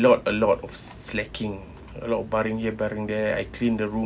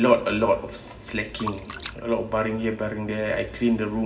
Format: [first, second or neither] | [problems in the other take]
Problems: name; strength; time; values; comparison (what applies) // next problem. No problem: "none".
first | background sound (Splash, splatter); 16 dB below the speech // room echo; dies away in 1.1 s